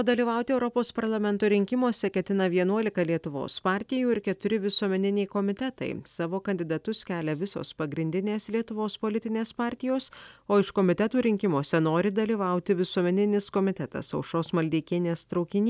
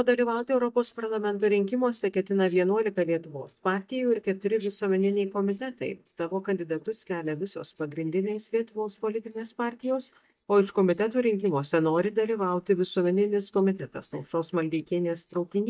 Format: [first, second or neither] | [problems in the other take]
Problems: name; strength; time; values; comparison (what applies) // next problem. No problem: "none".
first | noise reduction (neural mask model DeepFilterNet 3)